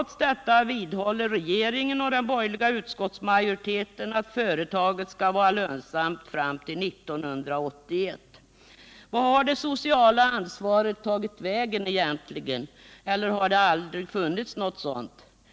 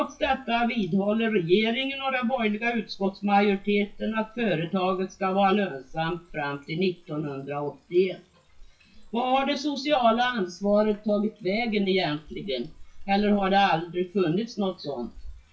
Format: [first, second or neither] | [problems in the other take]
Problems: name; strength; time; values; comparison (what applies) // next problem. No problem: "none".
first | noise reduction (classical method WPE with log-MMSE)